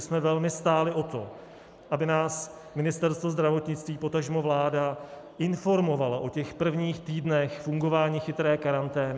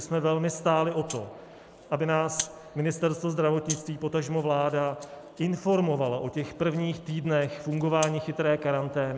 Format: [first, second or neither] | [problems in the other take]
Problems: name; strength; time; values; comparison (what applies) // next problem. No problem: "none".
first | background sound (Rattle (instrument)); 18 dB below the speech